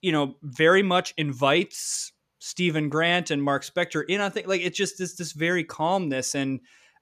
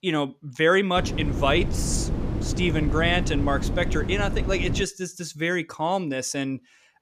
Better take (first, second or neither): first